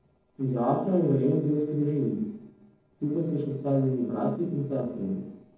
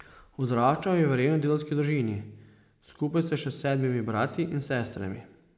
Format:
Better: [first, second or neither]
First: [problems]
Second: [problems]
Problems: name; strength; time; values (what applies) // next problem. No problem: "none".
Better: second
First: noise reduction (neural separator model SepFormer DNS4)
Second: none